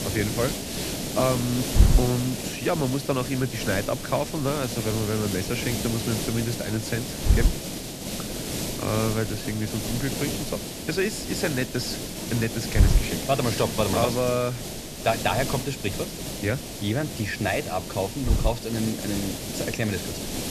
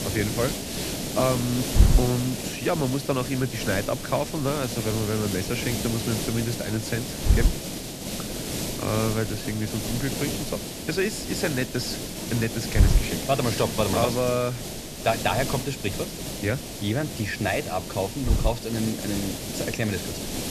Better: neither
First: hiss; loud; throughout; 1 dB below the speech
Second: hiss; loud; throughout; 1 dB below the speech

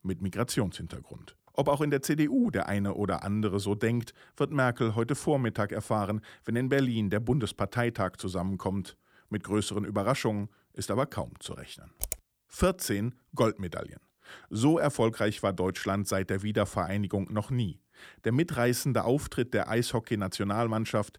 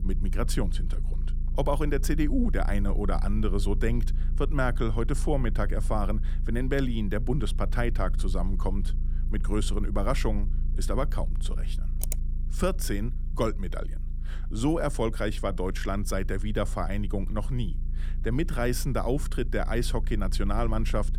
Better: first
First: none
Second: low rumble; noticeable; throughout; 20 dB below the speech

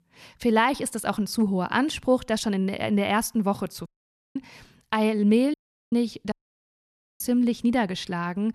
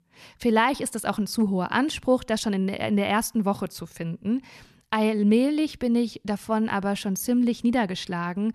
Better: second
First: audio cutting out; at 4 s, at 5.5 s and at 6.5 s for 1 s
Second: none

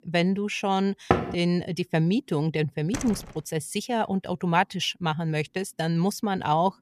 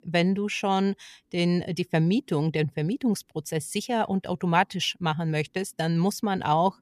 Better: second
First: door banging; loud; at 1 s; peak 1 dB above the speech // door banging; noticeable; at 3 s; peak 9 dB below the speech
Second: none

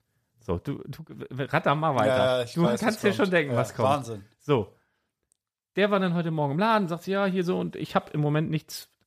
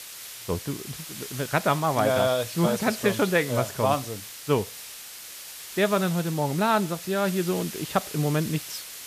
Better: first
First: none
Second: hiss; noticeable; throughout; 10 dB below the speech

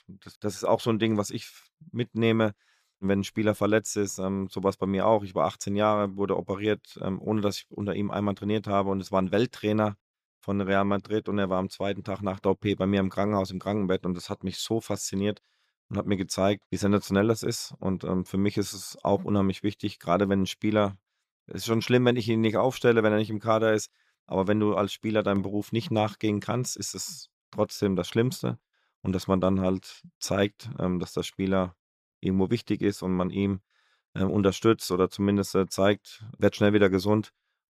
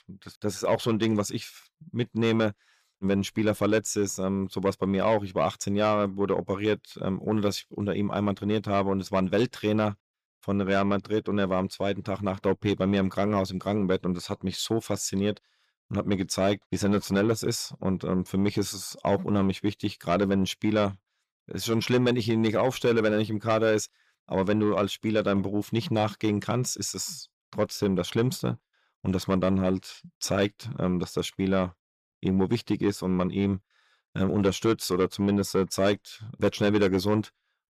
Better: first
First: none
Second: distortion; slight; 10 dB below the speech

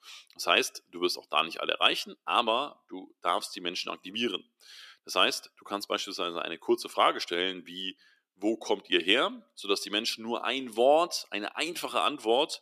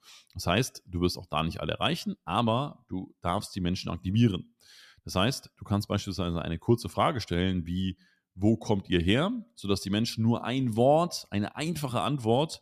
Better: second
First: thin; very; fading below 350 Hz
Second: none

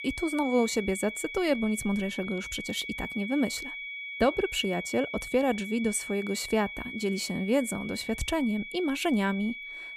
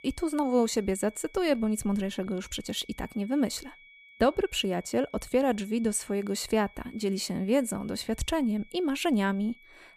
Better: second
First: high-pitched whine; loud; throughout; 2.5 kHz, 8 dB below the speech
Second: high-pitched whine; faint; throughout; 2.5 kHz, 25 dB below the speech

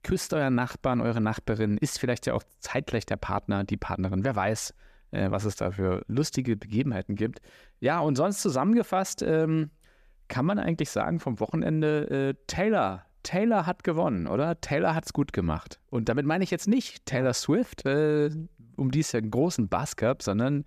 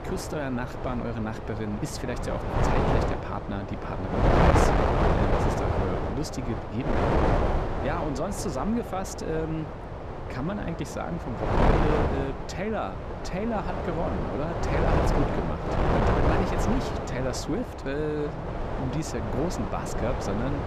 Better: first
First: none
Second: wind noise on the microphone; heavy; 4 dB above the speech

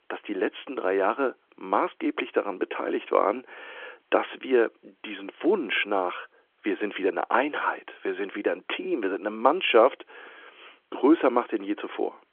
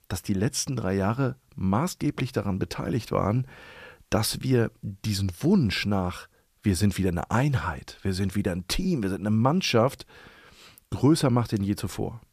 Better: second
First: phone-call audio; nothing above 3.5 kHz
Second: none

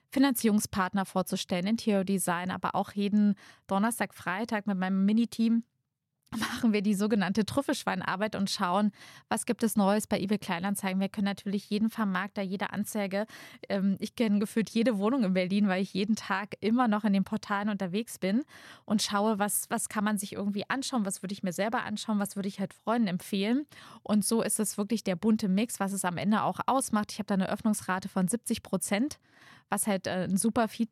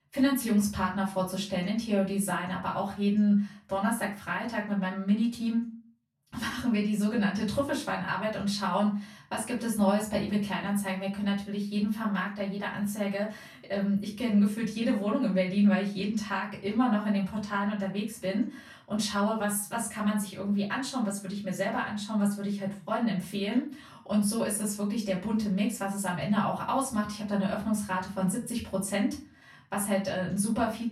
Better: first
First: none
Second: off-mic speech; far // room echo; slight; dies away in 0.3 s

